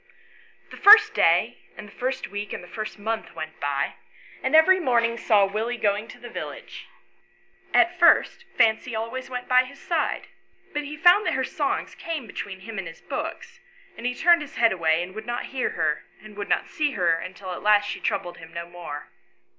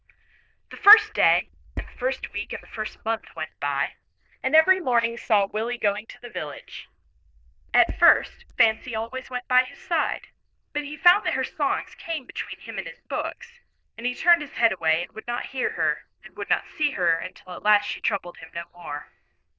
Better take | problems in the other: first | noise reduction (neural diffusion model UNIVERSE++)

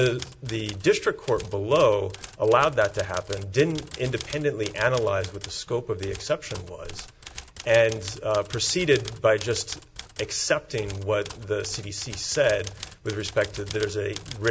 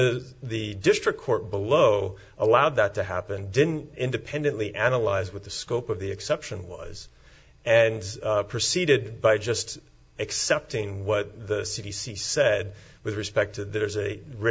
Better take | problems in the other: second | background sound (Typewriter); 16 dB below the speech

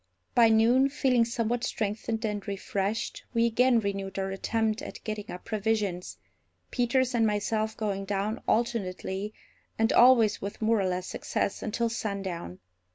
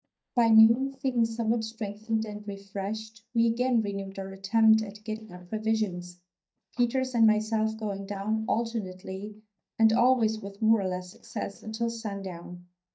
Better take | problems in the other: first | noise reduction (neural mask model DeepFilterNet 3)

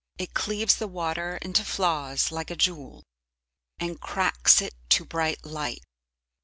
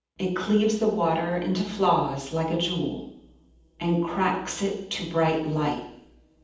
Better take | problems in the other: first | room echo; dies away in 0.8 s

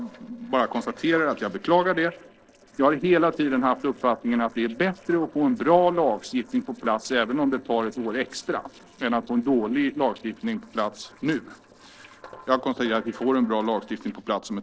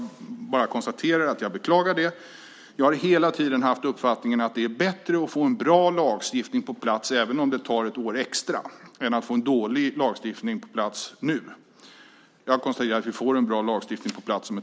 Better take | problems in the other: second | noise reduction (neural separator model SepFormer DNS4)

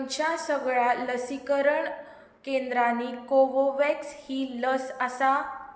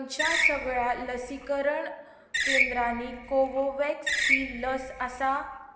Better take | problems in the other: first | background sound (Screech); as loud as the speech

